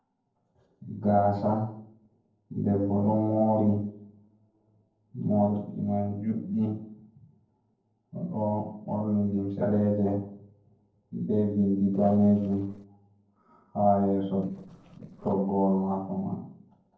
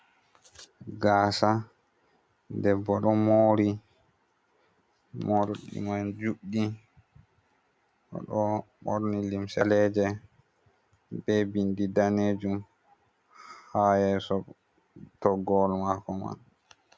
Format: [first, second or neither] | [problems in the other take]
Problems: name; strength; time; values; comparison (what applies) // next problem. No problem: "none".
second | noise reduction (neural separator model SepFormer DNS4)